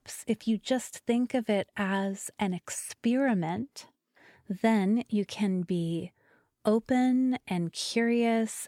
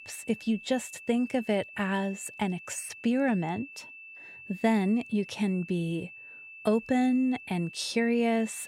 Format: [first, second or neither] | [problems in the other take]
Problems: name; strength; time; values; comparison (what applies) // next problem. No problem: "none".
first | high-pitched whine; noticeable; throughout; 2.5 kHz, 15 dB below the speech